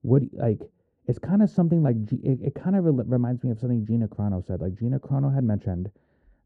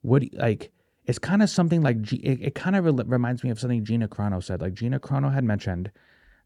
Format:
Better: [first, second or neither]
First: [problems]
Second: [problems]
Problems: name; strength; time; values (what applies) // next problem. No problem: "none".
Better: second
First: muffled; very; fading above 1 kHz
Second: none